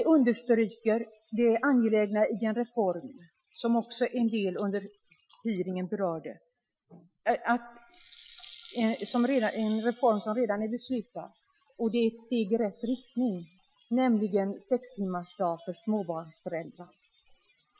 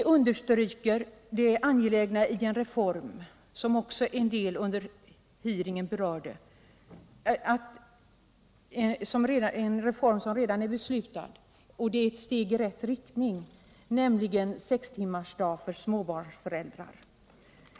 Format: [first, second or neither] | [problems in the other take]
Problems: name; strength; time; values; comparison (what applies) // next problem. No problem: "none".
second | noise reduction (classical method Wiener filter)